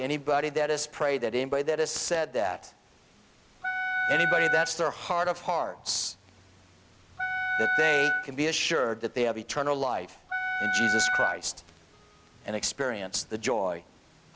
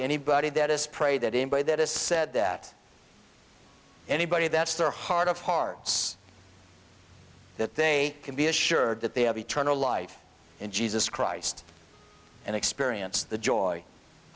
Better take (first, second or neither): second